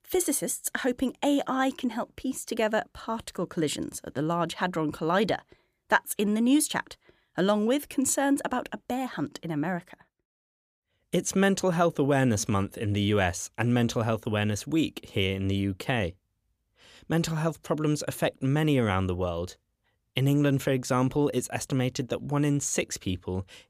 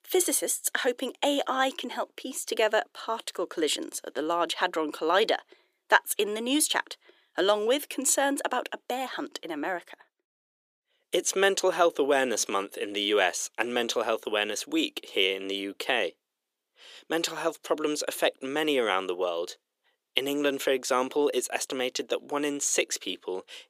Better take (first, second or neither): first